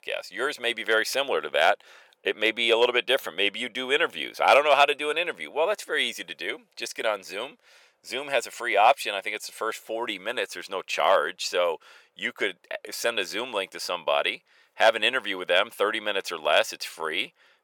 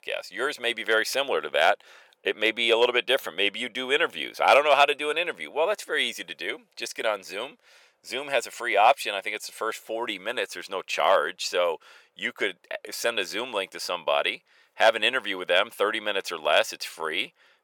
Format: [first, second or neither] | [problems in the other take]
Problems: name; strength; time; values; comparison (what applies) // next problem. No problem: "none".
neither | thin; very; fading below 600 Hz; the same in both